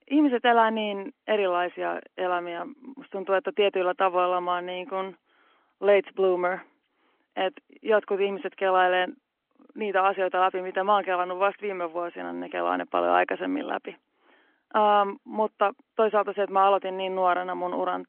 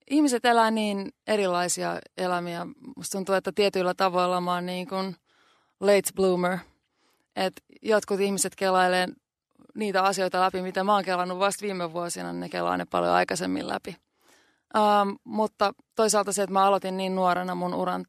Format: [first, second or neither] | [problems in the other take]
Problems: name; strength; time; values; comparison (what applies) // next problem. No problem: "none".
second | phone-call audio